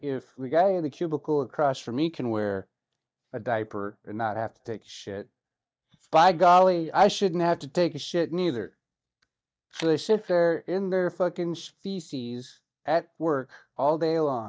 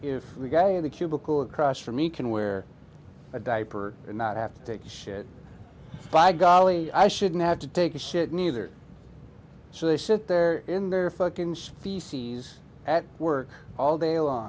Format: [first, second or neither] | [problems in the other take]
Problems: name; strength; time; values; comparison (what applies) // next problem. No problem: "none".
second | noise reduction (neural mask model DeepFilterNet 3)